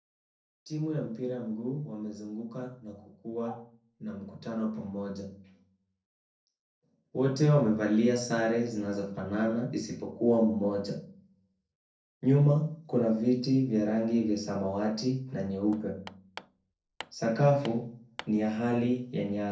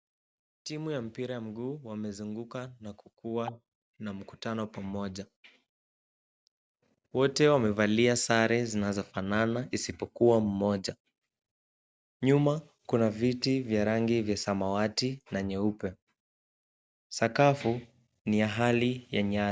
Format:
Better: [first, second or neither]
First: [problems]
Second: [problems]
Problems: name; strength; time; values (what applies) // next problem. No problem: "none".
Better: second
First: noise reduction (neural separator model SepFormer DNS4)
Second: none